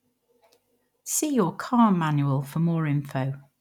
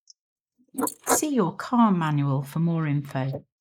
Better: first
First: none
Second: noise reduction (neural mask model Resemble Enhance denoiser)

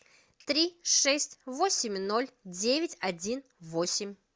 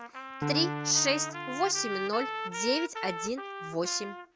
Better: first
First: none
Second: background sound (Piano + Trumpet); 5 dB below the speech

